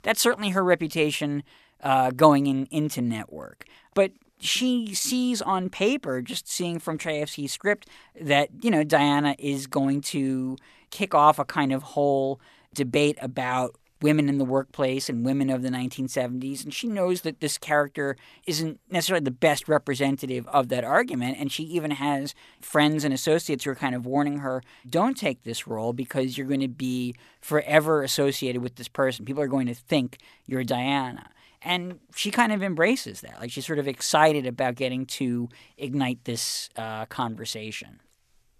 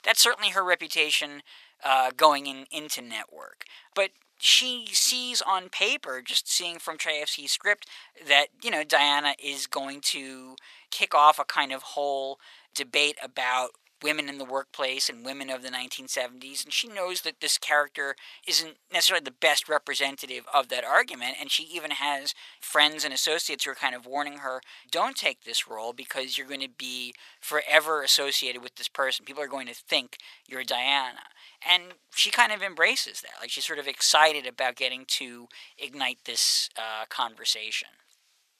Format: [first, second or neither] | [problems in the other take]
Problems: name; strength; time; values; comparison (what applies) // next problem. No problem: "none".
first | thin; very; fading below 800 Hz